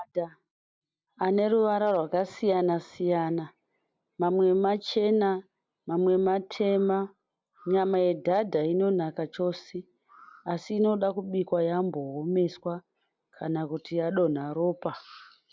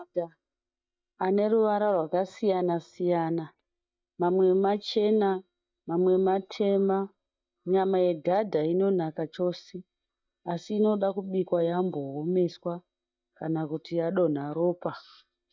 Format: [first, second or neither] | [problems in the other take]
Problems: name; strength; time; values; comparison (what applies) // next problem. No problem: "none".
first | noise reduction (neural mask model DeepFilterNet 3)